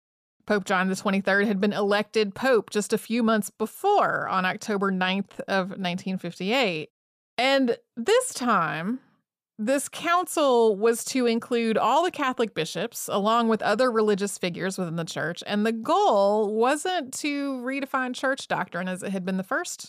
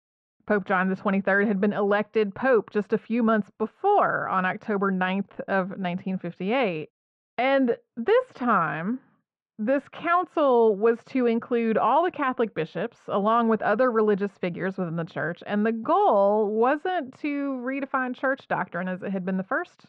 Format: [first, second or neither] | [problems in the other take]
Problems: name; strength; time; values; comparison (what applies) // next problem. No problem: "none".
first | muffled; very; fading above 2 kHz